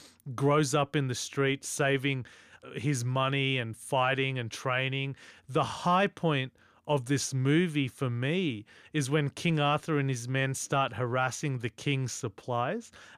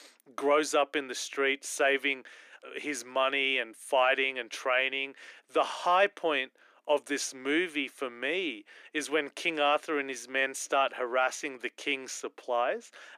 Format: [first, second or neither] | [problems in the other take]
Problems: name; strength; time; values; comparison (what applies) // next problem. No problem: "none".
first | thin; somewhat; fading below 300 Hz